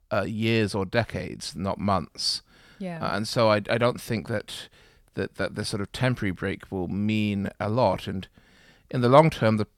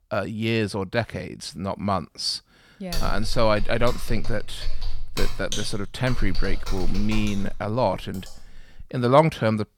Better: first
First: none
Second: keyboard typing; noticeable; from 3 to 7.5 s; peak 5 dB below the speech

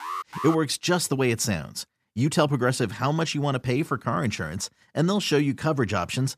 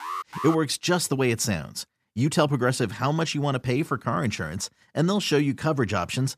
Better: neither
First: alarm; noticeable; at the start; peak 7 dB below the speech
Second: alarm; noticeable; at the start; peak 7 dB below the speech

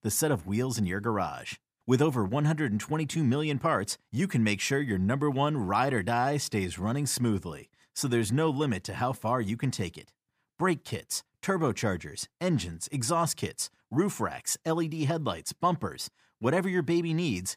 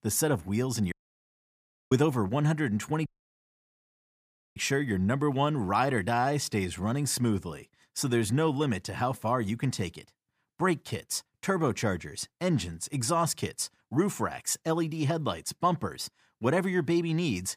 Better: first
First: none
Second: audio cutting out; at 1 s for 1 s and at 3 s for 1.5 s

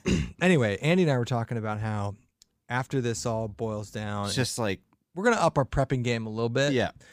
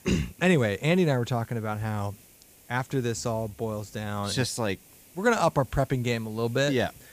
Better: first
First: none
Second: hiss; faint; throughout; 25 dB below the speech

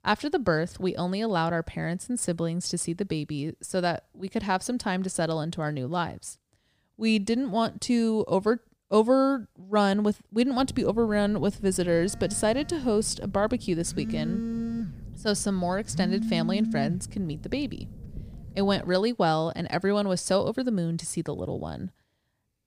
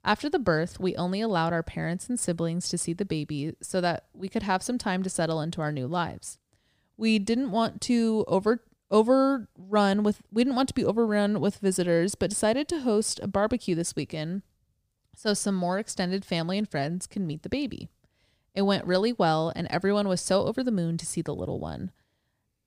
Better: second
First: phone ringing; noticeable; from 11 to 19 s; peak 2 dB below the speech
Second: none

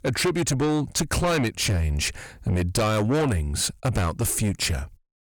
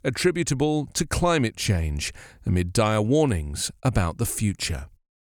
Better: second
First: distortion; heavy; 6 dB below the speech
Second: none

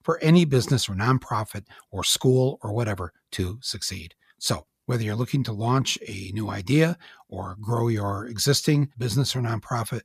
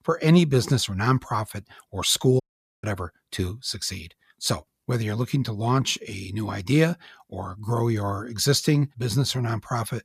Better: first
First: none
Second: audio cutting out; at 2.5 s

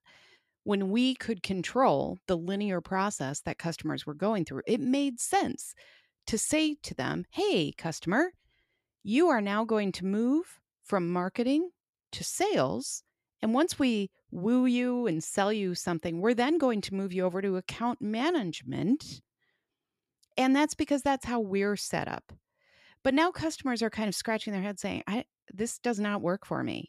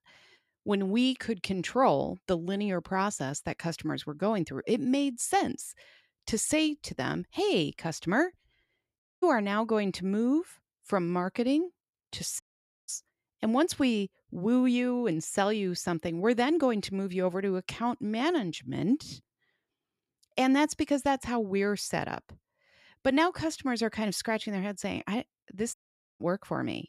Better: first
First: none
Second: audio cutting out; at 9 s, at 12 s and at 26 s

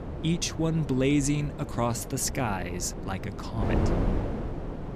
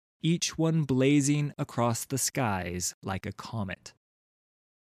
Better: second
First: wind noise on the microphone; heavy; 7 dB below the speech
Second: none

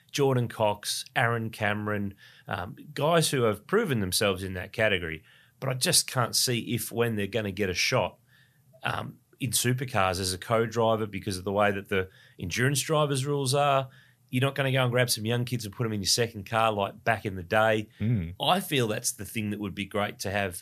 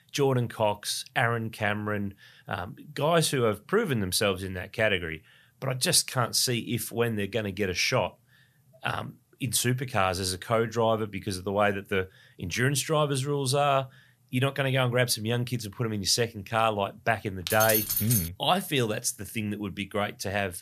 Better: first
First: none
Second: jangling keys; loud; at 17 s; peak 2 dB above the speech

